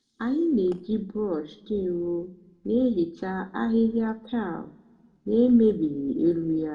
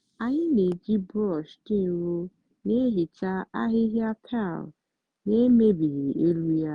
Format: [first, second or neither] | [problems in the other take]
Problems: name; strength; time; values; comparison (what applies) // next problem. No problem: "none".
second | room echo; dies away in 0.7 s